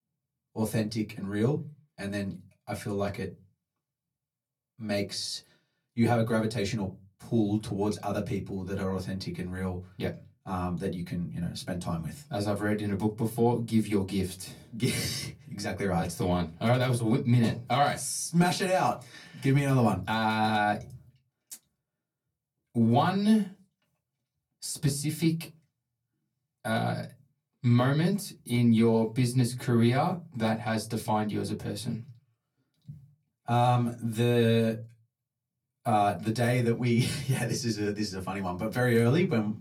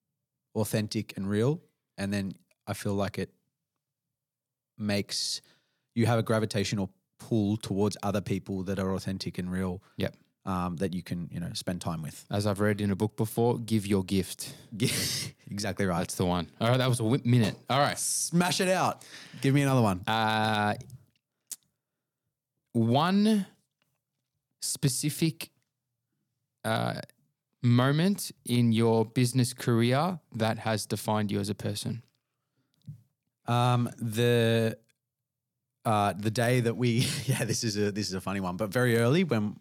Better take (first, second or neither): second